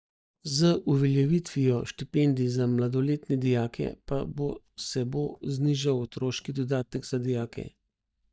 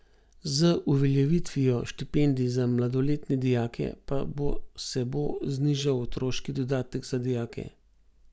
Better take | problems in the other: second | noise reduction (neural mask model DeepFilterNet 3)

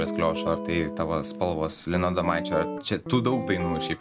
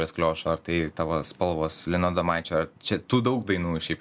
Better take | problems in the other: second | background sound (Guitar); 6 dB below the speech

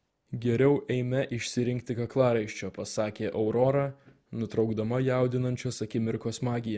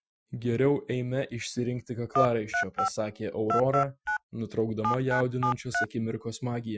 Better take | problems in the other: first | noise reduction (classical method Wiener filter)

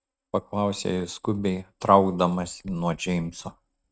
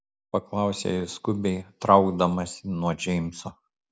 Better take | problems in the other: second | noise reduction (neural mask model RNNoise)

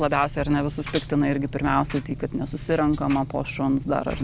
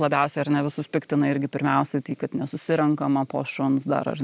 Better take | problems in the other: second | background sound (Engine); 11 dB below the speech

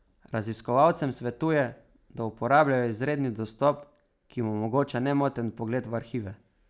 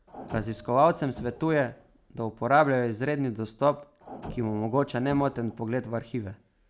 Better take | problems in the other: first | background sound (Printer); 17 dB below the speech

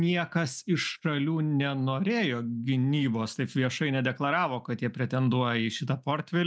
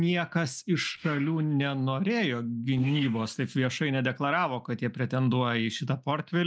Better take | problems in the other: first | noise reduction (neural mask model Resemble Enhance denoiser)

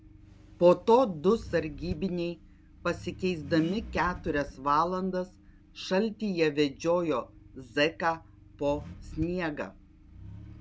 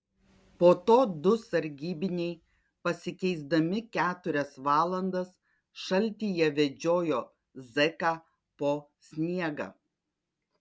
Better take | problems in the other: second | background sound (Accelerating, revving, vroom); 16 dB below the speech

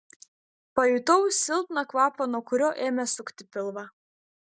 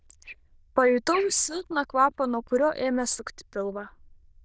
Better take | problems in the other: first | noise reduction (neural diffusion model UNIVERSE++)

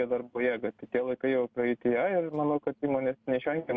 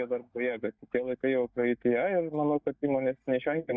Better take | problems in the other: first | noise reduction (neural mask model DeepFilterNet 3)

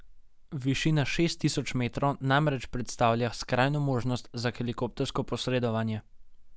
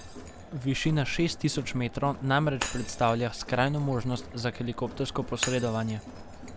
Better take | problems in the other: first | background sound (Crowd + Shatter); 12 dB below the speech

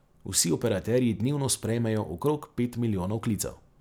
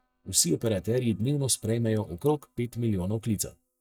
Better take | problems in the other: first | noise reduction (neural mask model DeepFilterNet 3)

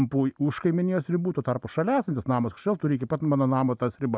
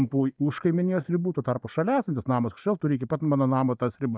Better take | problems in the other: first | noise reduction (neural mask model DeepFilterNet 3)

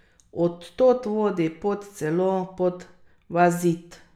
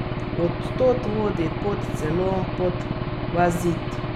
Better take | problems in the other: first | background sound (Engine / Aircraft); 1 dB below the speech

